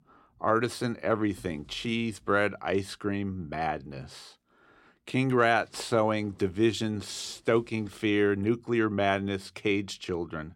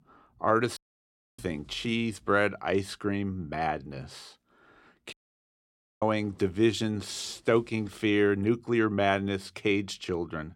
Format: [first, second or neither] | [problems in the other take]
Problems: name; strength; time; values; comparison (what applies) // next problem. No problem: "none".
first | audio cutting out; at 1 s for 0.5 s and at 5 s for 1 s